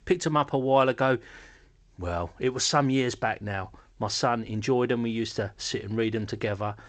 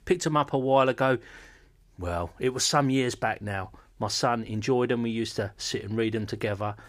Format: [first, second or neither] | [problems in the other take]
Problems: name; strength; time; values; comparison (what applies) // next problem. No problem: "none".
second | garbled, watery; slightly; nothing above 7.5 kHz